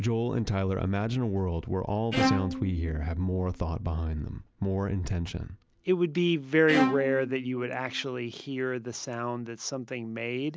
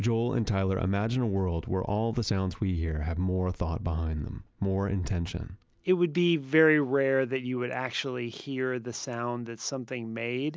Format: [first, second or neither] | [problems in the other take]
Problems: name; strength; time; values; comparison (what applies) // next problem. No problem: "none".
second | background sound (Bowed string instrument); 6 dB below the speech